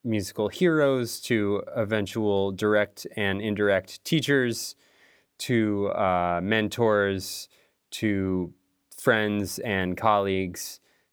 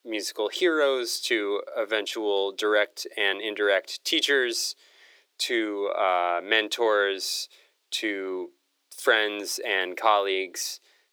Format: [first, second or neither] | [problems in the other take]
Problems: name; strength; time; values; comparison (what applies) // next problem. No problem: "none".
first | thin; very; fading below 350 Hz